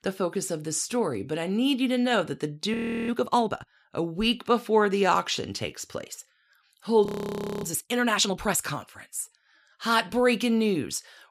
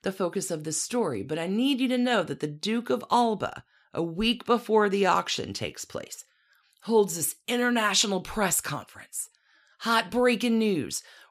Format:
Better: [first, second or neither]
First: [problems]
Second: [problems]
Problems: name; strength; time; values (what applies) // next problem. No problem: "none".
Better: second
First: audio freezing; at 2.5 s and at 7 s for 0.5 s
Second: none